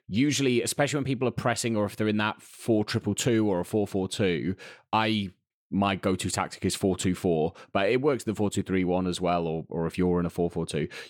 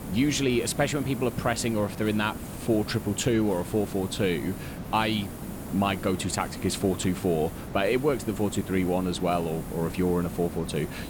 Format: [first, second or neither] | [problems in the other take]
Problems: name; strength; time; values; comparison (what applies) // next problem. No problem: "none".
first | hiss; noticeable; throughout; 10 dB below the speech